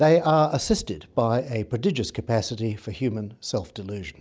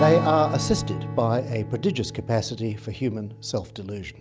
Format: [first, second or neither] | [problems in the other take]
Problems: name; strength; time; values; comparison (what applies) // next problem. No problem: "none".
first | background sound (Strum); 7 dB below the speech